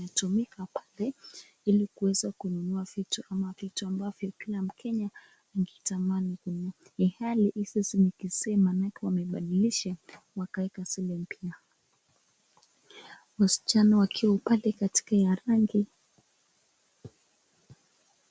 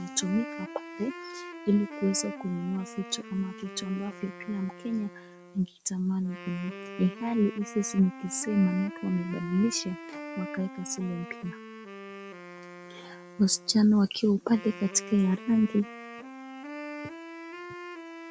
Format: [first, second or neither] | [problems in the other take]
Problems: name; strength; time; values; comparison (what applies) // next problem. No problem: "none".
first | background sound (Wind instrument, woodwind instrument); 13 dB below the speech